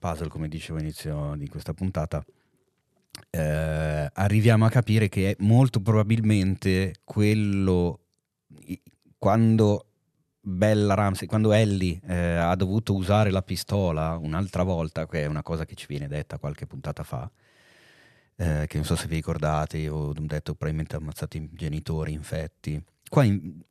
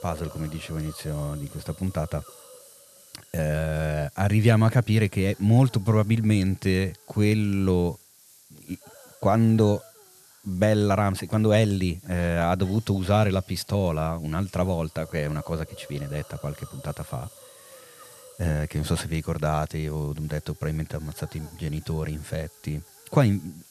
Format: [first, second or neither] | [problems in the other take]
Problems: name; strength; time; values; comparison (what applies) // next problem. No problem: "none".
first | hiss; faint; throughout; 25 dB below the speech